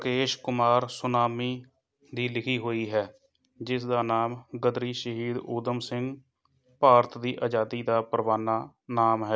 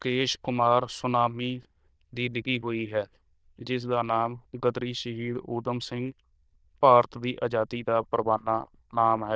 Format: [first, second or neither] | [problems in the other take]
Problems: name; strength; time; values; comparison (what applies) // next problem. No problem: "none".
first | noise reduction (neural diffusion model UNIVERSE++)